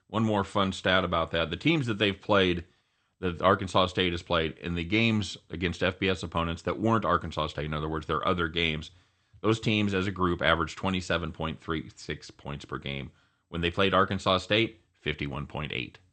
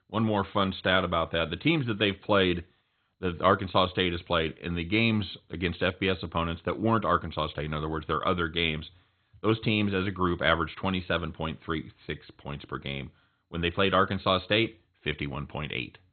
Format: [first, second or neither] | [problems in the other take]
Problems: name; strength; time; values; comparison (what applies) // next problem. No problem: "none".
first | garbled, watery; badly; nothing above 4 kHz; slightly in the first